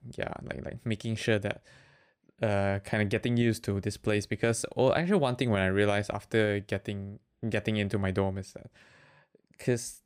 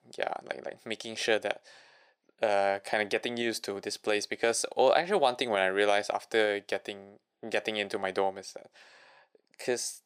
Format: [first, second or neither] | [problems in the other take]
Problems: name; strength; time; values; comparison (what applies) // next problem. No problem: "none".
first | thin; very; fading below 450 Hz